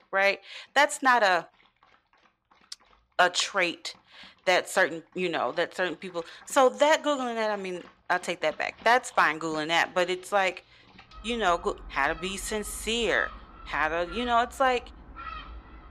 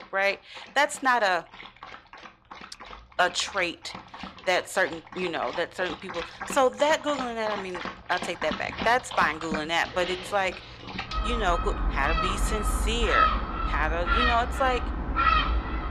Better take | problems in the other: first | animal sounds; loud; throughout; 3 dB below the speech; faint in the first

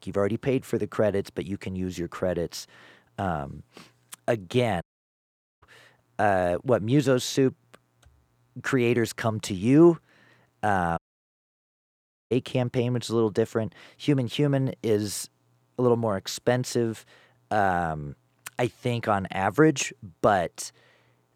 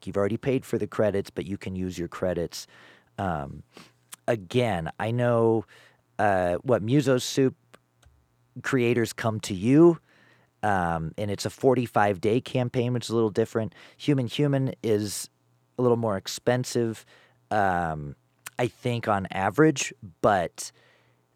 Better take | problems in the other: second | audio cutting out; at 5 s for 1 s and at 11 s for 1.5 s

